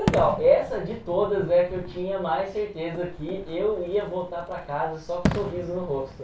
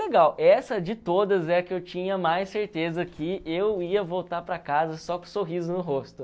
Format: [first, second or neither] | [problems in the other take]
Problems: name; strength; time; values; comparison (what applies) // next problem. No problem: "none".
second | background sound (Fireworks); 8 dB below the speech // room echo; dies away in 0.2 s